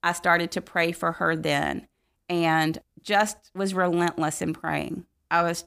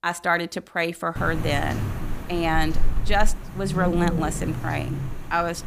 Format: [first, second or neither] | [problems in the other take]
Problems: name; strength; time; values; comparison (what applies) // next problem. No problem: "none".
first | wind noise on the microphone; occasional gusts; from 1 s on; 10 dB below the speech